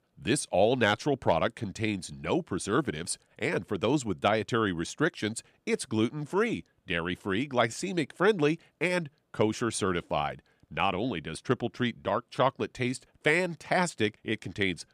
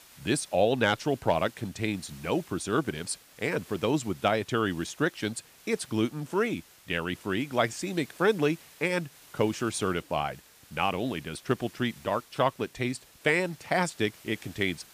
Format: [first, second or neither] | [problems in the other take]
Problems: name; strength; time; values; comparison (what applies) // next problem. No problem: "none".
first | hiss; faint; throughout; 20 dB below the speech